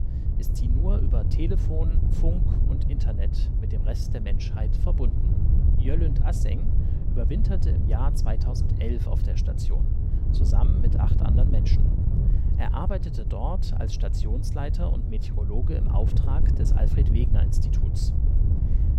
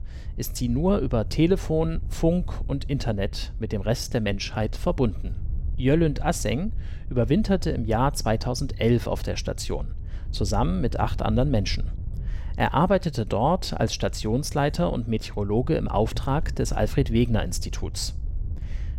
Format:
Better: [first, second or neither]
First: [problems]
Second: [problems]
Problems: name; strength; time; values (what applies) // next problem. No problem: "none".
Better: second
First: wind noise on the microphone; heavy; 2 dB below the speech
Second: wind noise on the microphone; occasional gusts; 25 dB below the speech